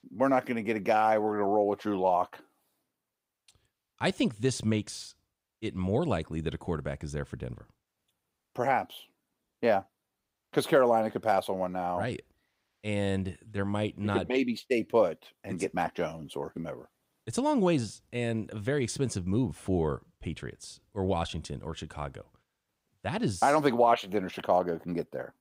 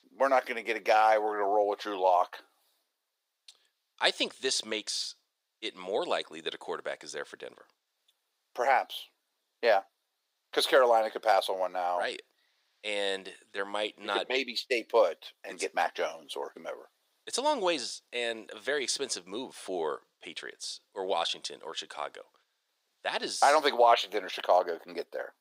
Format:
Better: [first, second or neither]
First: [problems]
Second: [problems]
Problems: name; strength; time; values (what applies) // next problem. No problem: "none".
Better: first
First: none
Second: thin; very; fading below 450 Hz